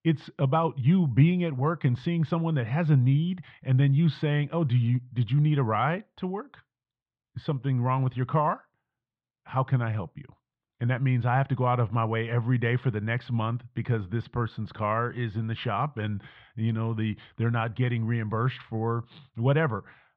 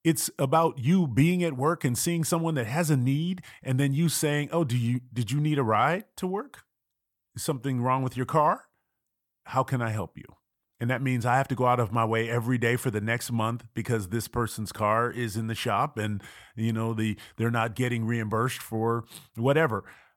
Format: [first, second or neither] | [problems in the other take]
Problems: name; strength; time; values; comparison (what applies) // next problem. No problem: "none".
second | muffled; very; fading above 3.5 kHz